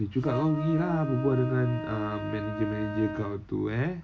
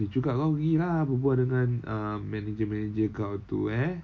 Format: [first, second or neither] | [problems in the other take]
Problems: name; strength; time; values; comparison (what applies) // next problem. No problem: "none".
second | background sound (Wind instrument, woodwind instrument); 7 dB below the speech